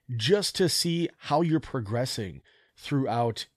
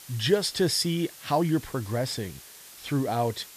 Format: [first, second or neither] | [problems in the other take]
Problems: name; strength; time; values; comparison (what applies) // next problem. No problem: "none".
first | hiss; noticeable; throughout; 20 dB below the speech